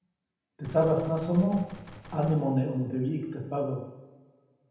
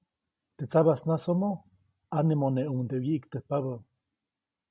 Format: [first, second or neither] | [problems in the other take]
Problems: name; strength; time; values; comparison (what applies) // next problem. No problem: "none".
second | background sound (Gunshot, gunfire); 20 dB below the speech // room echo; dies away in 0.9 s